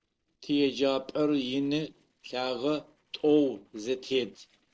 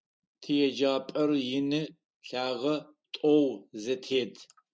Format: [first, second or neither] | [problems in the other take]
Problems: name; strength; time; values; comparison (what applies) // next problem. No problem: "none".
second | noise reduction (neural separator model SepFormer DNS4)